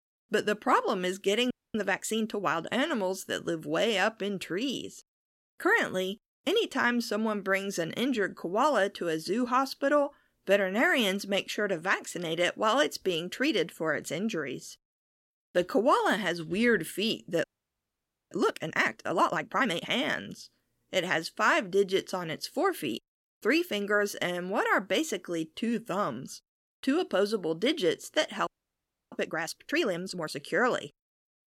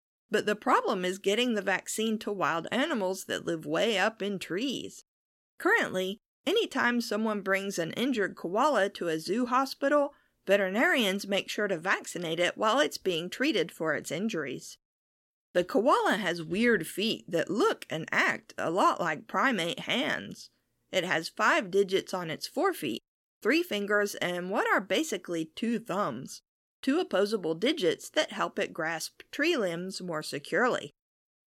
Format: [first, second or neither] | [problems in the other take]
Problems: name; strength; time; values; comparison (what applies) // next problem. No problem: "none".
second | audio freezing; at 1.5 s, at 17 s for 1 s and at 28 s for 0.5 s